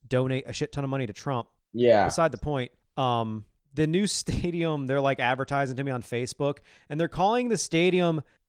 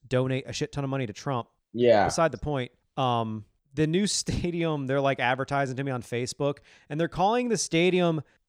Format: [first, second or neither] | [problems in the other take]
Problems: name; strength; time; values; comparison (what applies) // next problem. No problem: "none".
second | garbled, watery; slightly